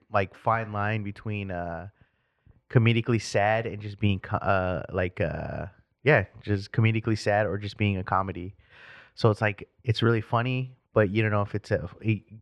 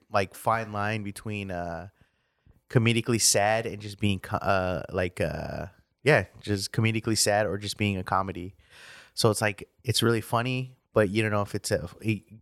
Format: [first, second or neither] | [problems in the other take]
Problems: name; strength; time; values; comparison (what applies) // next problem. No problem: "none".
second | muffled; slightly; fading above 2.5 kHz